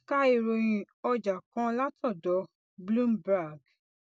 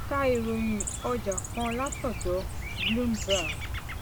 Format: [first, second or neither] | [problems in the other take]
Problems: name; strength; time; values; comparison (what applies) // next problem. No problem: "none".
first | background sound (Chirp, tweet); 3 dB below the speech